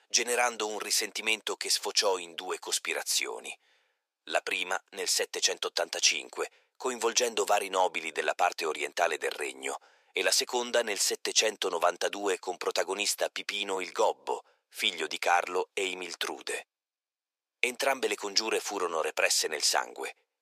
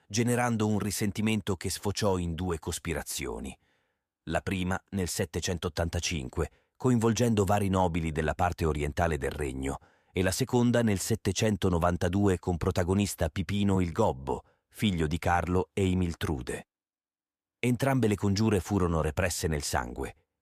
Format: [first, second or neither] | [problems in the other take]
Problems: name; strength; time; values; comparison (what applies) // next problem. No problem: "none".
second | thin; very; fading below 450 Hz